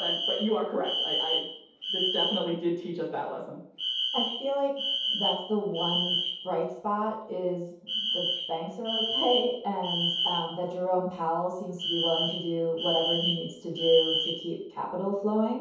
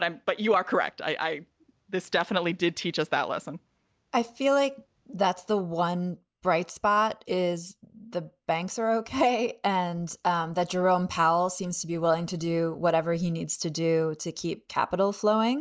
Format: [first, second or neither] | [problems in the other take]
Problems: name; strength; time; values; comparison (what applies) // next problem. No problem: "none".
second | background sound (Alarm); 2 dB below the speech // room echo; dies away in 0.7 s